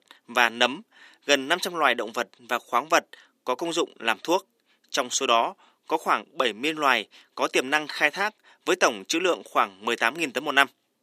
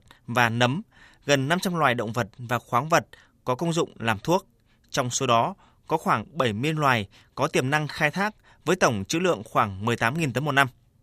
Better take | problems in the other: second | thin; somewhat; fading below 300 Hz

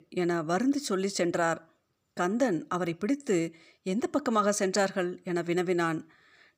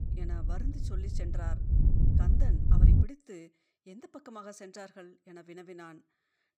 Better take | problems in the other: first | wind noise on the microphone; heavy; until 3 s; 4 dB above the speech

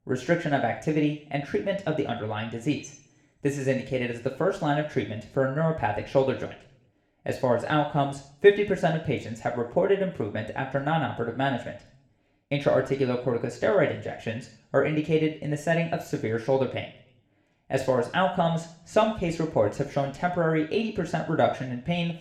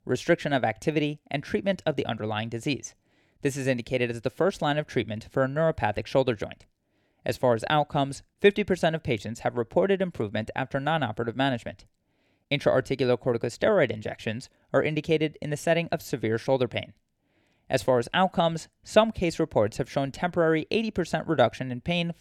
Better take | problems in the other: second | room echo; slight; dies away in 0.5 s // off-mic speech; somewhat distant

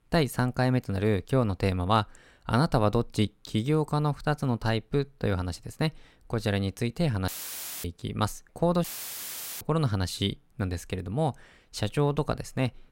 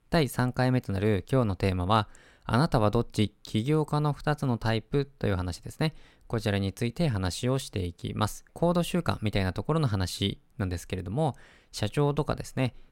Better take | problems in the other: second | audio cutting out; filled with static; at 7.5 s for 0.5 s and at 9 s for 1 s

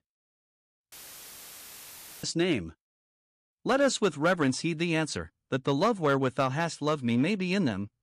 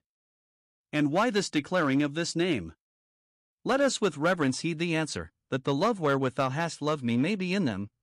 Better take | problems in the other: second | audio cutting out; filled with static; at 1 s for 1.5 s

